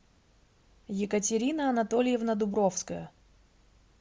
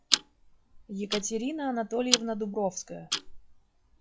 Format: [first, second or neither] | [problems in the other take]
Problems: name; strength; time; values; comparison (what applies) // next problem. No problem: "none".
first | noise reduction (classical method log-MMSE)